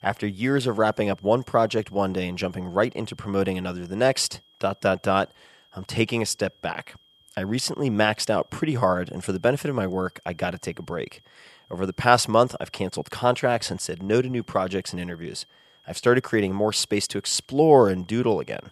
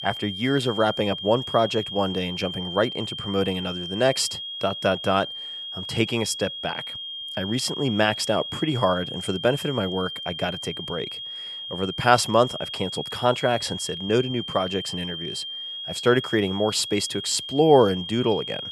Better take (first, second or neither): first